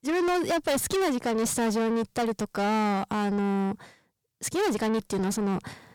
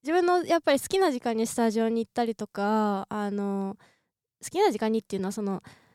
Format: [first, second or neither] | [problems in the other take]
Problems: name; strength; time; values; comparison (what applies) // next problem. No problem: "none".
second | distortion; heavy; 6 dB below the speech